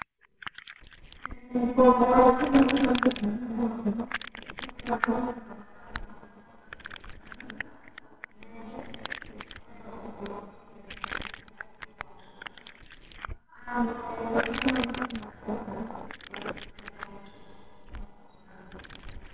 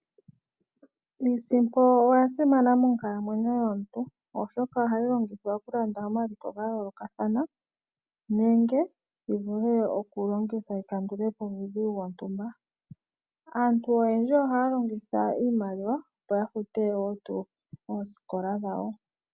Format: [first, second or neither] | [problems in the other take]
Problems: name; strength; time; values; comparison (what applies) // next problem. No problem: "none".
second | noise reduction (neural separator model SepFormer WHAMR!)